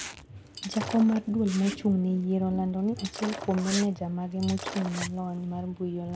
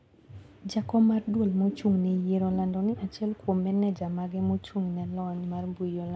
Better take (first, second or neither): second